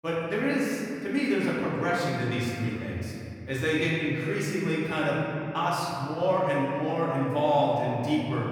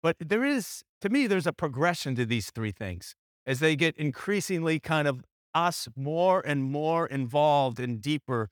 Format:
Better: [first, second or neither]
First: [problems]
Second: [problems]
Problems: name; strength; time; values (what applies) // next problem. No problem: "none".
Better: second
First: room echo; strong; dies away in 2.5 s // off-mic speech; far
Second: none